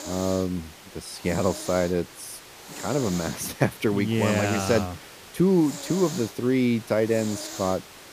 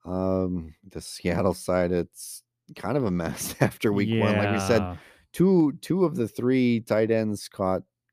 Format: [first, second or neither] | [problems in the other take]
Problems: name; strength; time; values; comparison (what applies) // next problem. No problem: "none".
second | hiss; noticeable; throughout; 15 dB below the speech